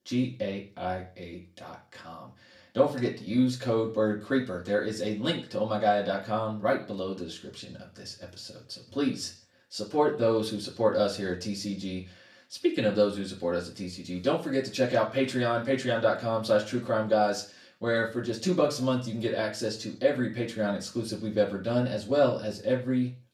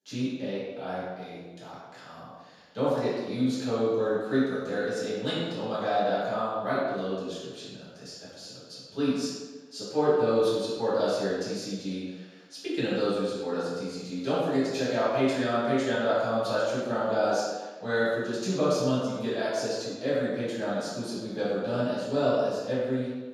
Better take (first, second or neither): first